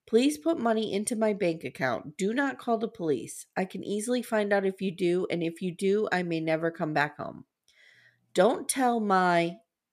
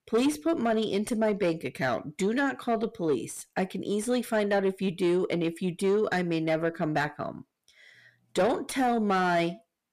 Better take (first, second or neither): first